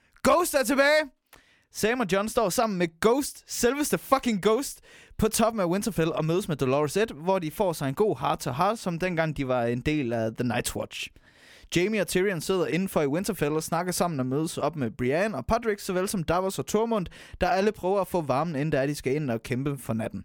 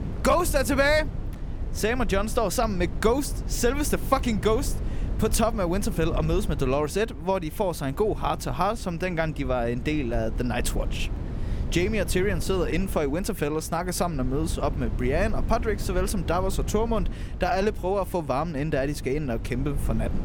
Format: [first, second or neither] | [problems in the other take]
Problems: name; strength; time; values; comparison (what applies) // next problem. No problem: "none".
first | wind noise on the microphone; occasional gusts; 15 dB below the speech